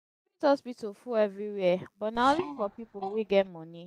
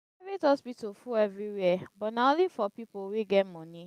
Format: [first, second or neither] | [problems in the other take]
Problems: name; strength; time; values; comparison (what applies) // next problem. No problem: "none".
second | noise reduction (neural mask model DeepFilterNet 3)